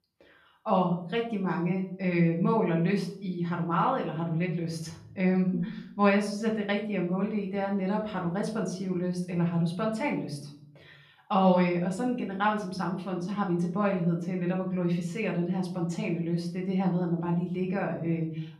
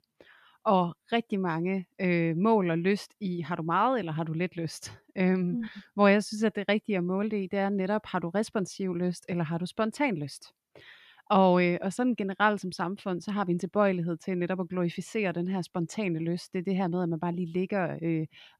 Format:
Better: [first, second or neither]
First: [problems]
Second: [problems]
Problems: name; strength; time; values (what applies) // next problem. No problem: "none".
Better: second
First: room echo; slight; dies away in 0.6 s // off-mic speech; far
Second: none